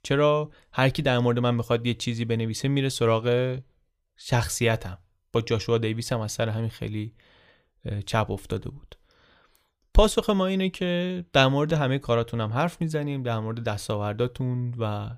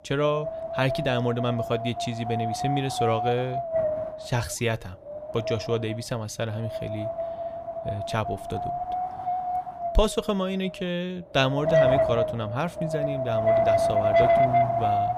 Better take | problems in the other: first | wind noise on the microphone; heavy; 4 dB above the speech

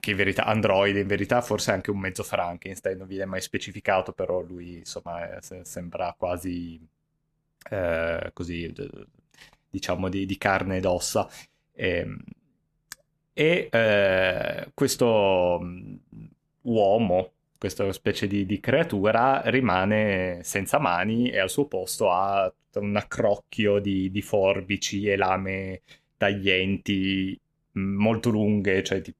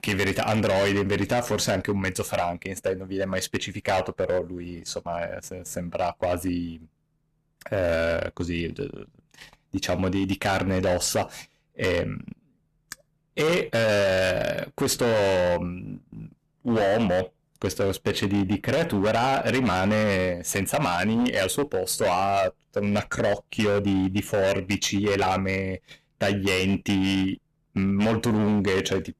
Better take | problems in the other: first | distortion; heavy; 15% of the sound clipped

